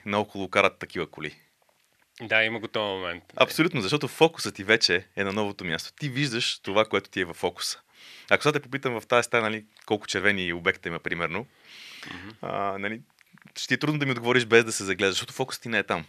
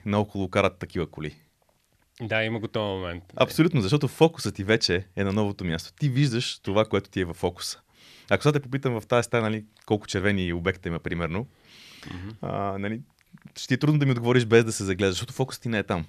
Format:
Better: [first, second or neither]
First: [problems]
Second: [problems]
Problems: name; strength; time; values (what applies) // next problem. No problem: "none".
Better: second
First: thin; somewhat; fading below 400 Hz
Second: none